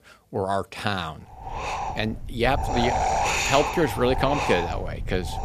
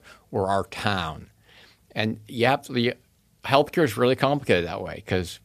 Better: second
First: wind noise on the microphone; heavy; from 1.5 s on; as loud as the speech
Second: none

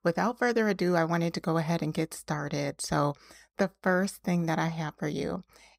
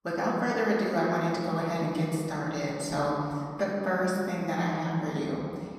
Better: first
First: none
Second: room echo; noticeable; dies away in 2 s // off-mic speech; far

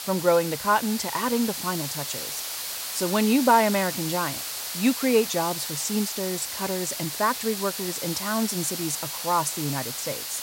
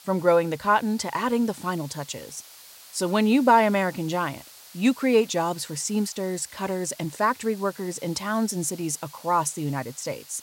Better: second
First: hiss; loud; throughout; 4 dB below the speech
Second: hiss; faint; throughout; 20 dB below the speech

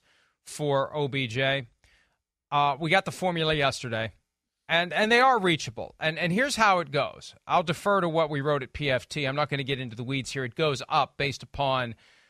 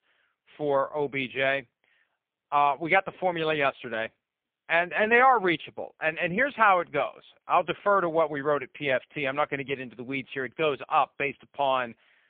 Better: first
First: none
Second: phone-call audio; poor line

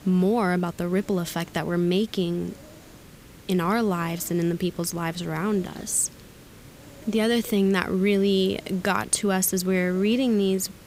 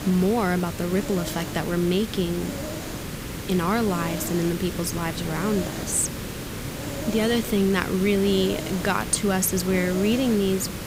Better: first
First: hiss; faint; throughout; 20 dB below the speech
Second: hiss; loud; throughout; 8 dB below the speech

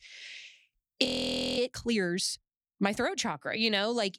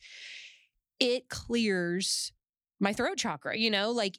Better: second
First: audio freezing; at 1 s for 0.5 s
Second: none

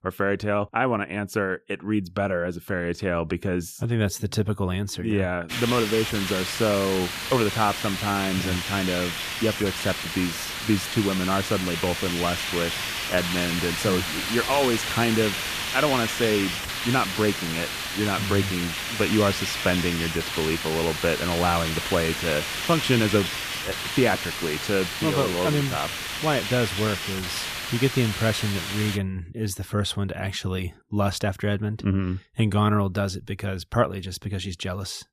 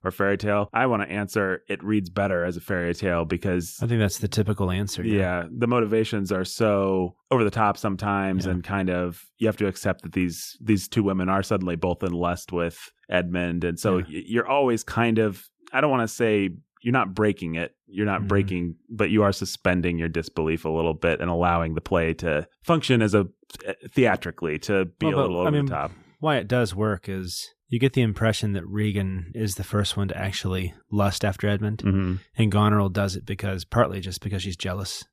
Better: second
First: hiss; loud; from 5.5 to 29 s; 2 dB below the speech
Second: none

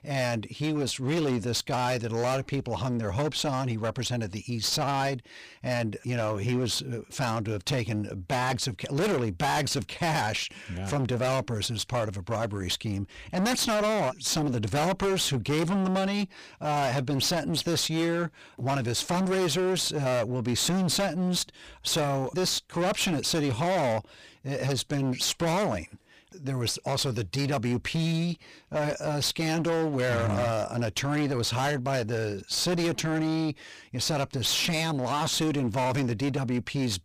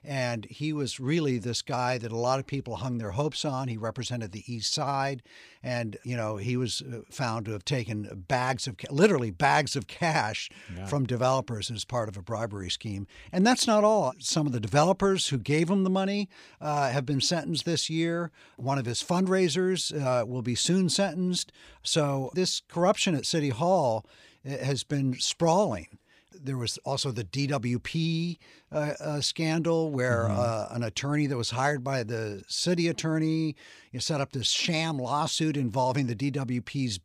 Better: second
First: distortion; heavy; 23% of the sound clipped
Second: none

